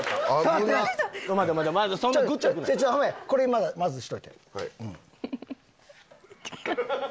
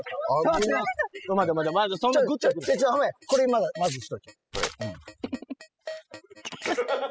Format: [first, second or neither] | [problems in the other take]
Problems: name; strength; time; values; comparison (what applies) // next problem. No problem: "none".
first | noise reduction (classical method spectral subtraction)